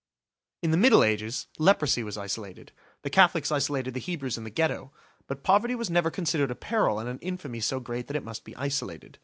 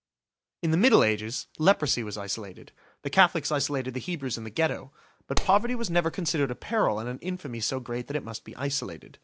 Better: first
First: none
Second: background sound (Clapping); 1 dB below the speech

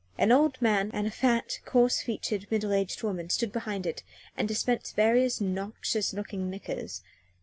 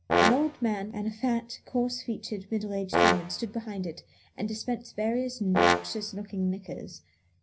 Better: first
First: none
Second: background sound (Brass instrument); 1 dB above the speech // room echo; dies away in 0.4 s

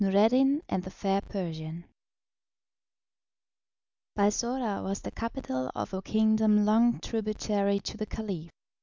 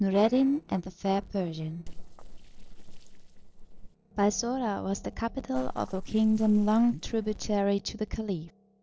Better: first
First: none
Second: noise reduction (neural separator model SepFormer DNS4)

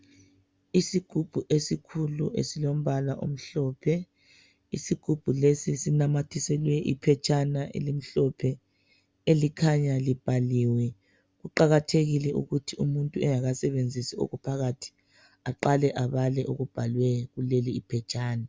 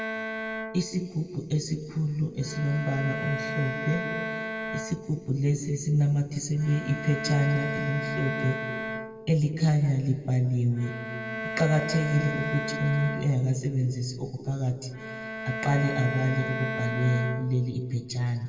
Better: first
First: none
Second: background sound (Bowed string instrument); 8 dB below the speech // room echo; dies away in 1.9 s

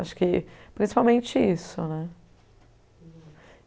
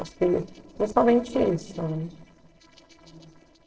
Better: first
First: none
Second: noise reduction (neural separator model SepFormer DNS4)

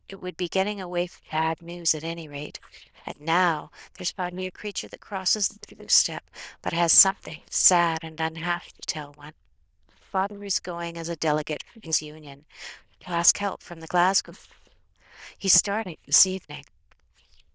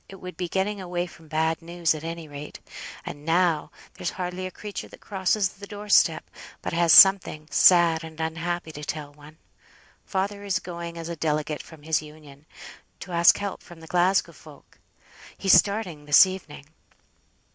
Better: second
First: noise reduction (neural diffusion model UNIVERSE++)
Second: none

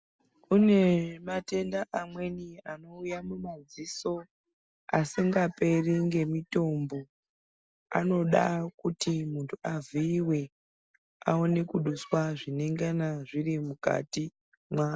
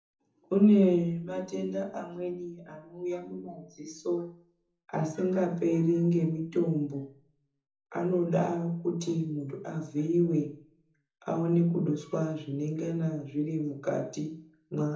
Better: first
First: none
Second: room echo; dies away in 0.6 s

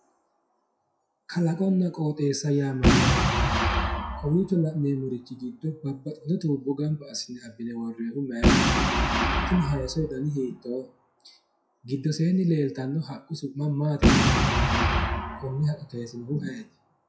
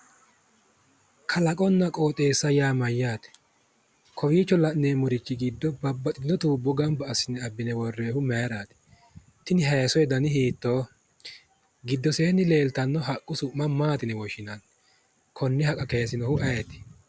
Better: second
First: noise reduction (classical method WPE with log-MMSE)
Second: none

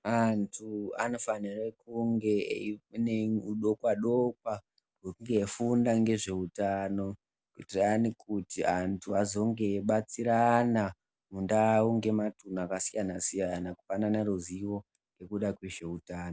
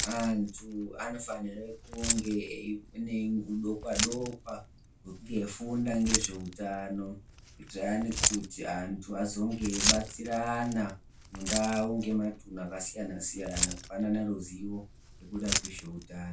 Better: first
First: none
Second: background sound (Keys jangling); 3 dB below the speech // room echo; dies away in 0.2 s

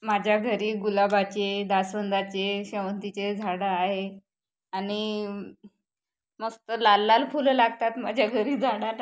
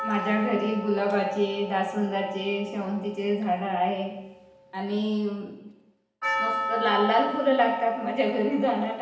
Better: first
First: none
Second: background sound (Percussion); 8 dB below the speech // room echo; dies away in 0.8 s

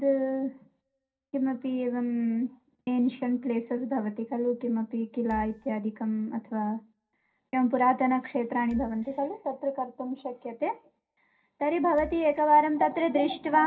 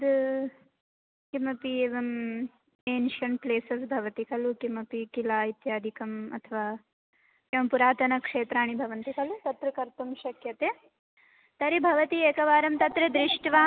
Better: second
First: background sound (Marimba, xylophone); 18 dB below the speech // room echo; dies away in 0.3 s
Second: none

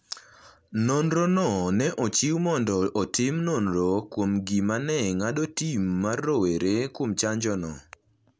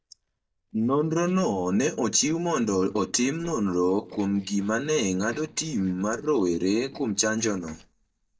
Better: first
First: none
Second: noise reduction (neural mask model DeepFilterNet 3)

